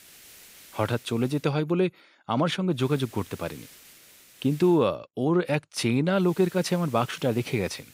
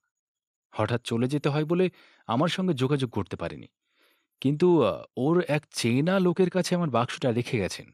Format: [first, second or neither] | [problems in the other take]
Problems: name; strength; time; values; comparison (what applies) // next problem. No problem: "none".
second | hiss; faint; until 1.5 s, from 3 to 4.5 s and from 6 s on; 20 dB below the speech